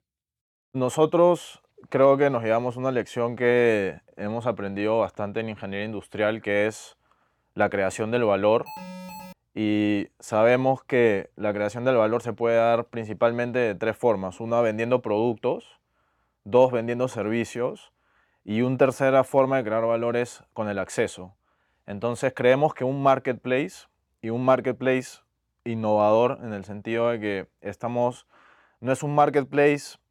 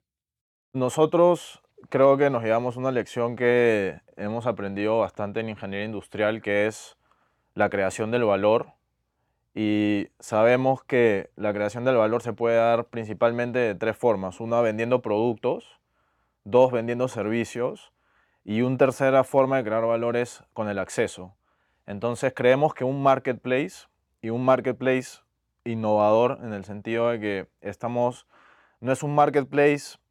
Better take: second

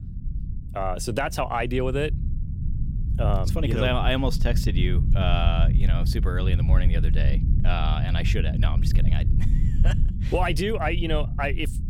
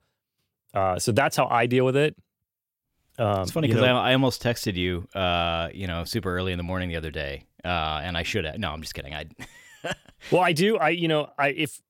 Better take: second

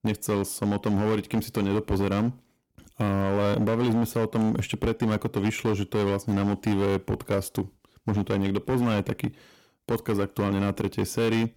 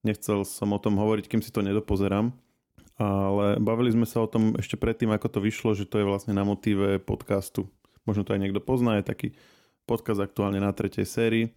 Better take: second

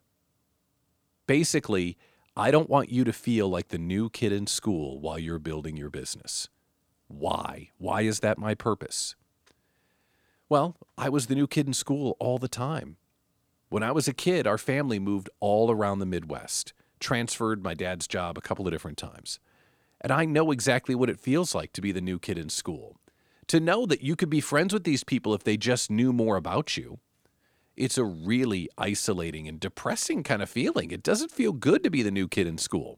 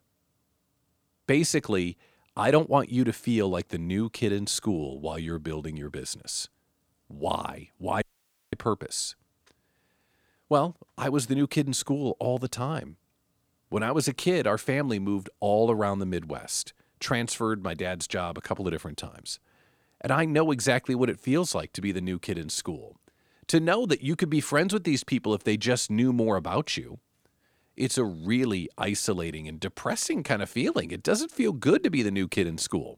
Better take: first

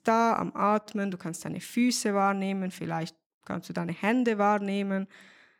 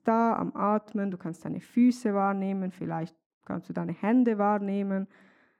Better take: first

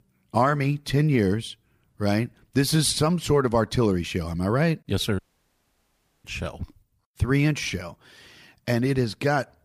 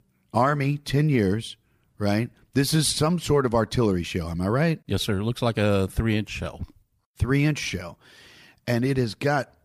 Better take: second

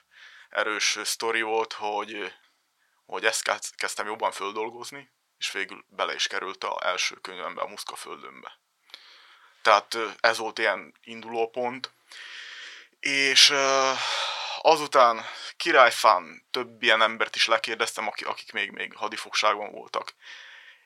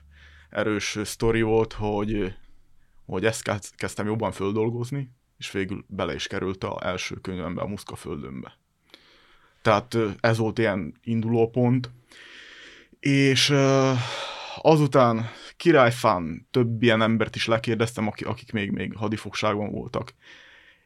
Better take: second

